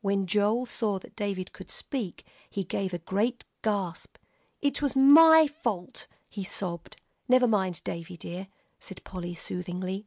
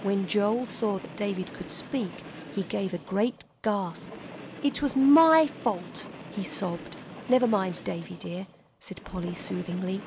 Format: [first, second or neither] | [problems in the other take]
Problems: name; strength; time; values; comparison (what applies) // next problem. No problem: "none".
first | background sound (Train); 15 dB below the speech